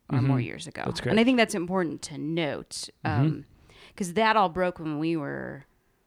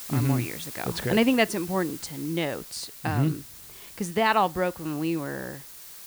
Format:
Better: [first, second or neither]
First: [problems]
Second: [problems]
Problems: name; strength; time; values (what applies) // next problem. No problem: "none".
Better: first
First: none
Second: hiss; noticeable; throughout; 15 dB below the speech